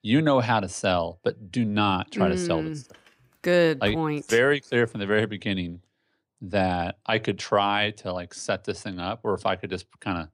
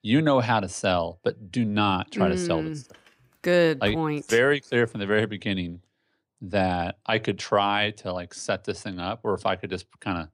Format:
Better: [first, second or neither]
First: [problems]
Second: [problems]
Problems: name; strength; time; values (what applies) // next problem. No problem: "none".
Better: neither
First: none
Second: none